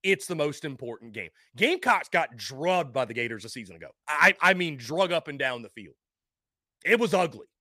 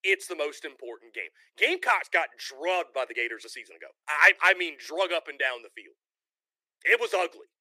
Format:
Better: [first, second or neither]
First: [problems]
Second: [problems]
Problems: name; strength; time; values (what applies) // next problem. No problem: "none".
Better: first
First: none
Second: thin; very; fading below 350 Hz